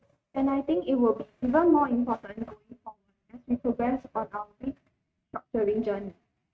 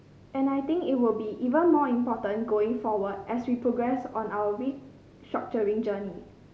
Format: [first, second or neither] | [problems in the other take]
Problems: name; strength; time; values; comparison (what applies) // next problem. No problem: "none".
second | noise reduction (neural mask model RNNoise)